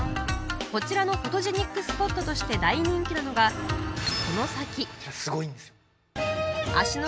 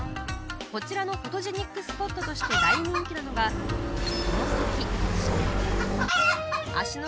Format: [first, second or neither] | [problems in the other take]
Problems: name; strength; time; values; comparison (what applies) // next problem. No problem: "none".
first | background sound (Chicken, rooster + Motorcycle); 5 dB above the speech